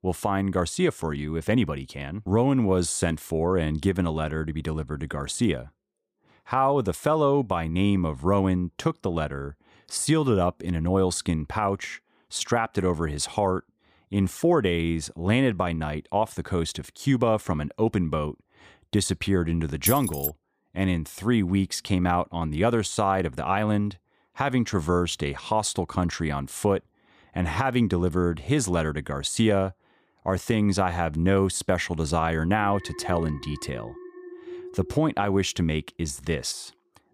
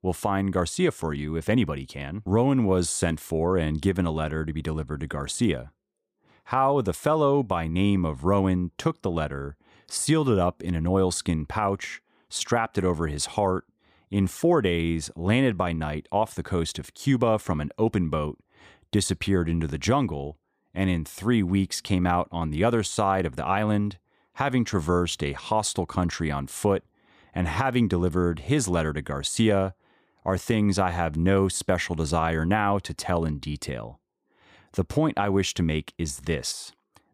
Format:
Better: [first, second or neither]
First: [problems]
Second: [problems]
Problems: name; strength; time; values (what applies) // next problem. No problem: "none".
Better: second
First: jangling keys; noticeable; at 20 s; peak 1 dB below the speech // alarm; faint; from 33 to 35 s; peak 15 dB below the speech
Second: none